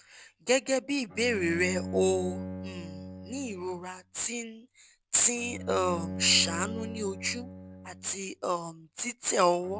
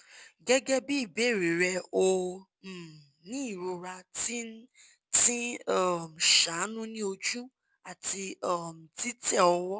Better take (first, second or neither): second